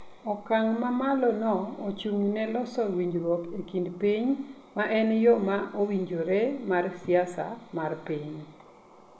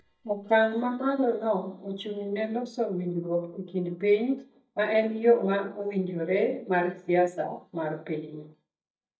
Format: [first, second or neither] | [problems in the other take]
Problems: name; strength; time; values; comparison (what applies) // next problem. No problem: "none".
first | noise reduction (neural mask model DeepFilterNet 3)